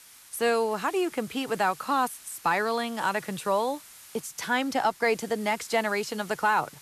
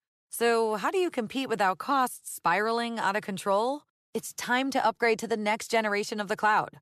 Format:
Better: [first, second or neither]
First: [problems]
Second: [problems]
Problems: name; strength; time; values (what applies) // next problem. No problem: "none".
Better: second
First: hiss; noticeable; throughout; 20 dB below the speech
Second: none